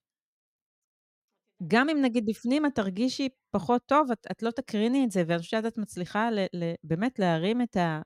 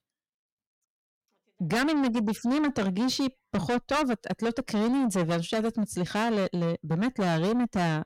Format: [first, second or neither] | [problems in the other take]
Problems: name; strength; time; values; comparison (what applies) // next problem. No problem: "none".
first | distortion; heavy; 6 dB below the speech